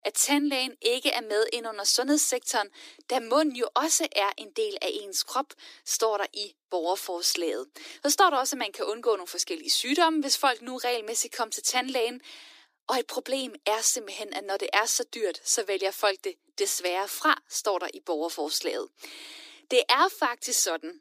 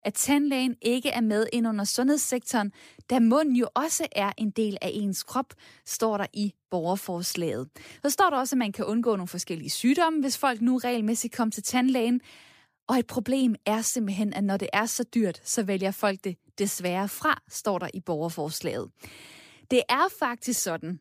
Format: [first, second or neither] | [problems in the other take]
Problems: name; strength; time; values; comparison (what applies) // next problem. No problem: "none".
second | thin; somewhat; fading below 300 Hz